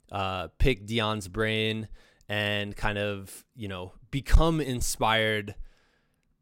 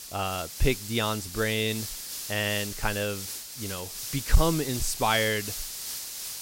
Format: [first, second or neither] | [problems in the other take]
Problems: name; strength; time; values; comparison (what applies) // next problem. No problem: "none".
first | hiss; loud; throughout; 6 dB below the speech